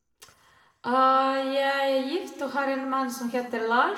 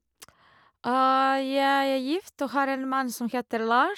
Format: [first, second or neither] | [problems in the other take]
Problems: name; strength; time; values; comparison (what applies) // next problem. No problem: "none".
second | room echo; dies away in 1.8 s